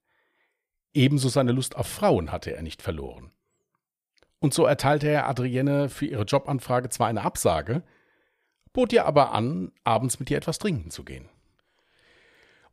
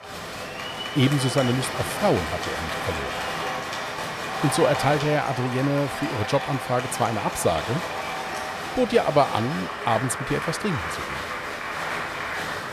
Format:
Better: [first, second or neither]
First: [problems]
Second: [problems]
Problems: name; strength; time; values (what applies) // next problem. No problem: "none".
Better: first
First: none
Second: crowd noise; loud; throughout; 4 dB below the speech